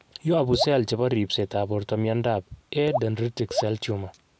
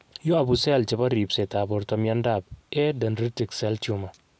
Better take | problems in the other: second | background sound (Raindrop / Drip); 6 dB below the speech

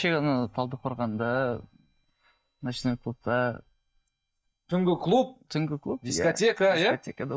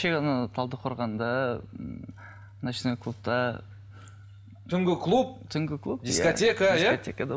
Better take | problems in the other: second | noise reduction (neural mask model DeepFilterNet 3)

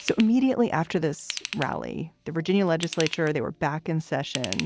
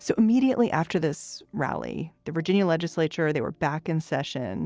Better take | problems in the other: second | background sound (Ratchet, pawl / Tools); 13 dB below the speech

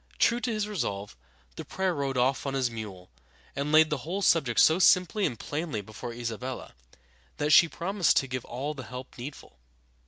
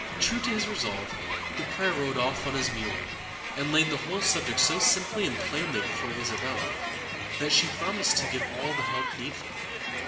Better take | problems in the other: first | background sound (Crowd); 2 dB below the speech // room echo; dies away in 1.1 s

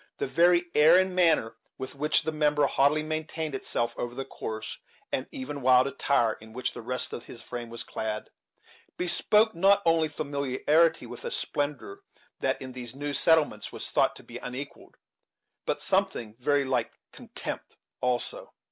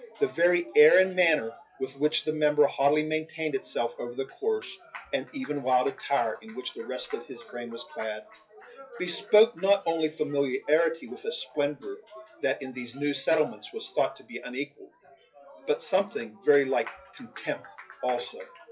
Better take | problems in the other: first | noise reduction (classical method WPE with log-MMSE)

